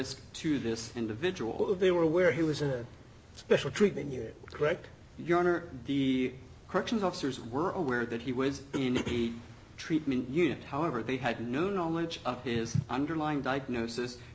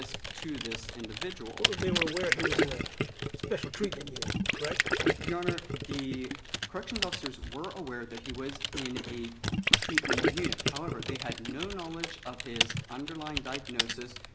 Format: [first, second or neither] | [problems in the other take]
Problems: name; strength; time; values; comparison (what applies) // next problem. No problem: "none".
first | background sound (Typing + Gurgling); 5 dB above the speech